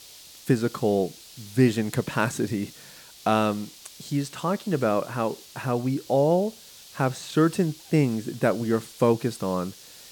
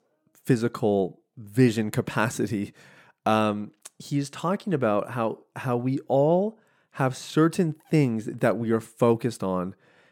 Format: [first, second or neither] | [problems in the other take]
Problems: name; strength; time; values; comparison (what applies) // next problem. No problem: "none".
second | hiss; noticeable; throughout; 20 dB below the speech